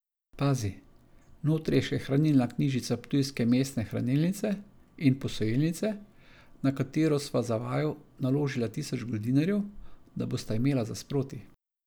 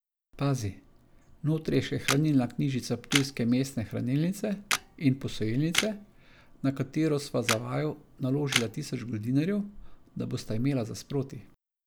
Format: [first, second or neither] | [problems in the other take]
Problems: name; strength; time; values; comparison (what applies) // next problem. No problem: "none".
first | background sound (Camera); 5 dB below the speech